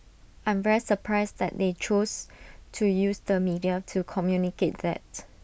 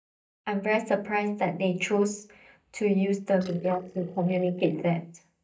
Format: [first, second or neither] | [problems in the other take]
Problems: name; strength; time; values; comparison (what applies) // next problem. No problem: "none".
first | noise reduction (neural mask model DeepFilterNet 3)